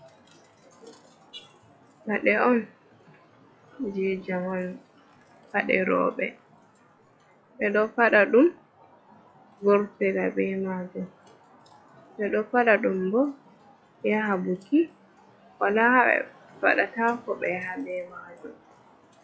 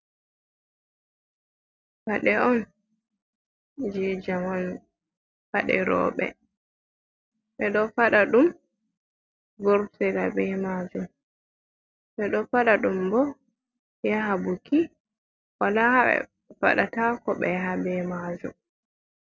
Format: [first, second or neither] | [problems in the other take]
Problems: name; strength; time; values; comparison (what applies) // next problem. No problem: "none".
second | noise reduction (classical method log-MMSE)